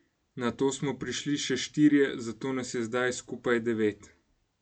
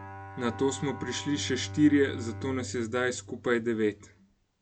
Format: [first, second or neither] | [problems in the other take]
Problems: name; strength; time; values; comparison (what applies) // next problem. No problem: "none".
first | background sound (Bowed string instrument); 13 dB below the speech